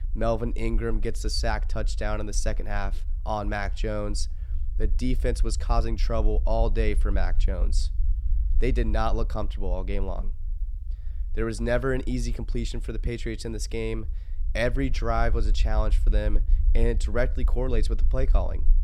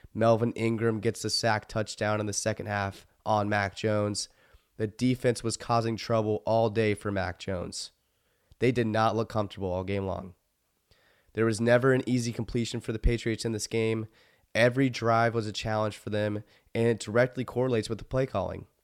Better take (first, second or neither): second